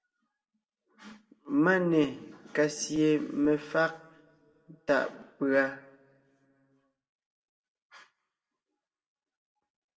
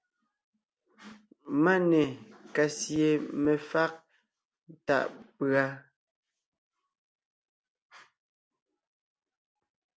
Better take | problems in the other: second | room echo; dies away in 0.6 s

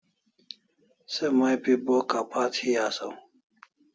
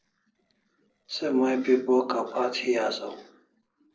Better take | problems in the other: first | noise reduction (neural separator model SepFormer DNS4)

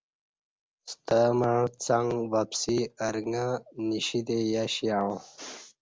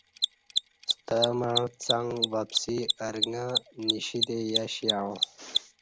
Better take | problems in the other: first | background sound (Mechanisms); as loud as the speech

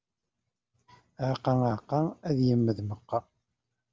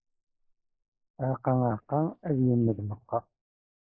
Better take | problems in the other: first | noise reduction (neural mask model Resemble Enhance denoiser)

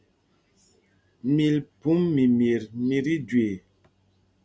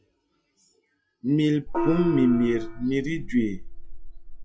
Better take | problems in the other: first | noise reduction (classical method log-MMSE)

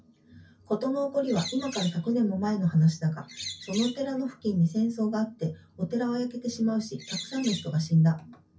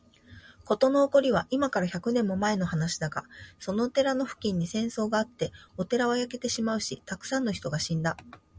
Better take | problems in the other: second | background sound (Bird); 12 dB below the speech // room echo; dies away in 0.3 s

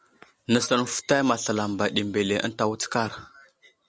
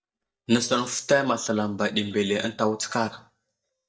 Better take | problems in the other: first | noise reduction (neural mask model DeepFilterNet 3)

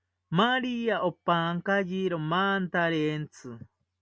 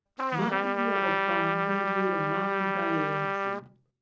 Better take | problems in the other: first | background sound (Trumpet); 5 dB above the speech // room echo; dies away in 0.6 s

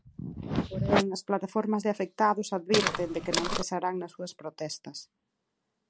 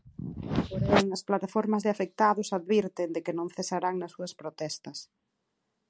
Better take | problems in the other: second | background sound (Walk, footsteps); 1 dB above the speech

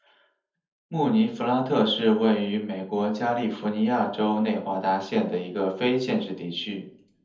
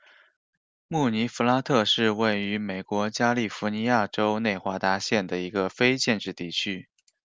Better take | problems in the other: second | room echo; dies away in 0.6 s

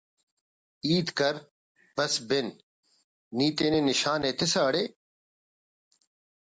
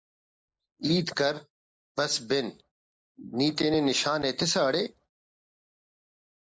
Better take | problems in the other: first | noise reduction (neural mask model Resemble Enhance denoiser)

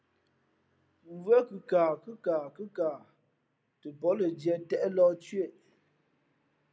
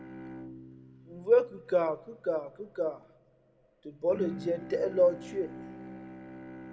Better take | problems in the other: first | background sound (Bowed string instrument); 14 dB below the speech // room echo; dies away in 2.1 s

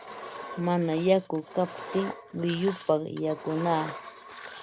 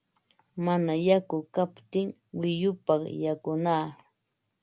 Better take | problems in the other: second | background sound (Engine); 12 dB below the speech

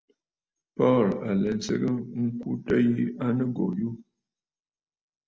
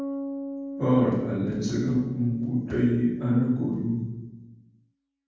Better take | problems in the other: first | background sound (Bass guitar); 12 dB below the speech // room echo; dies away in 1.2 s

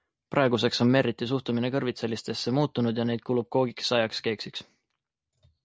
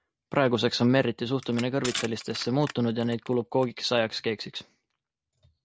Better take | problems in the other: first | background sound (Crushing); 14 dB below the speech

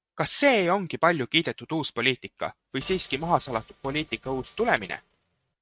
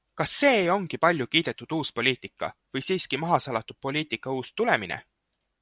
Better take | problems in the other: second | noise reduction (neural mask model RNNoise)

